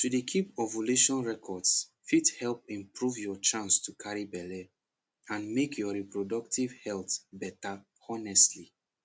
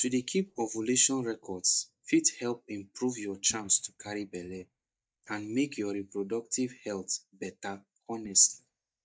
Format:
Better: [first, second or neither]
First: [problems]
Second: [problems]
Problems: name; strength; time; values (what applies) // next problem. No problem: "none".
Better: first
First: none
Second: noise reduction (neural mask model DeepFilterNet 3)